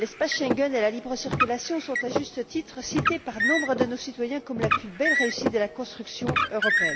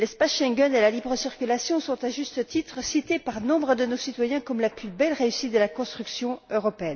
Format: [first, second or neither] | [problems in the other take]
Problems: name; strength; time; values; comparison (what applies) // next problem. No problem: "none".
second | background sound (Car); as loud as the speech